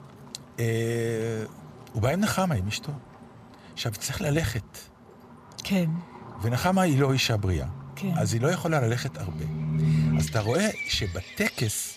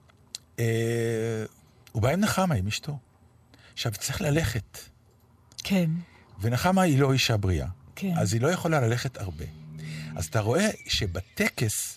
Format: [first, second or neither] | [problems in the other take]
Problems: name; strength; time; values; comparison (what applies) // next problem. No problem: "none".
second | animal sounds; loud; throughout; 6 dB below the speech; faint in the second